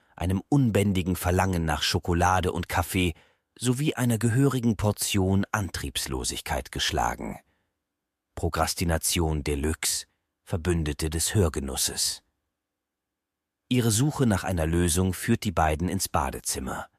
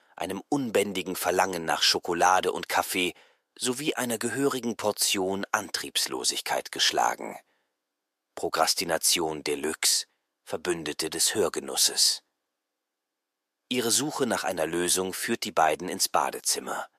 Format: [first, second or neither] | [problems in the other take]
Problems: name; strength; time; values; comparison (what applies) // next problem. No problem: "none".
first | thin; somewhat; fading below 400 Hz